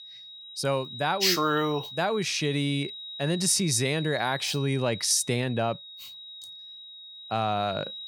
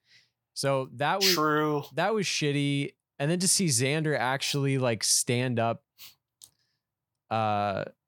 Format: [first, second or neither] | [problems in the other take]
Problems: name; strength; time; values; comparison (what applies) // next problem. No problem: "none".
second | high-pitched whine; noticeable; throughout; 4 kHz, 10 dB below the speech